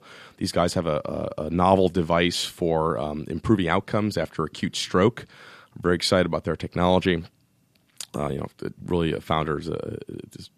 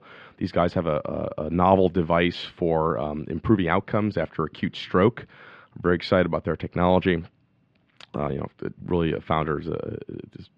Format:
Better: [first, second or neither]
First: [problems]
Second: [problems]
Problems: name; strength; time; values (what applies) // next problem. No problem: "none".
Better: first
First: none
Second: muffled; slightly; fading above 3 kHz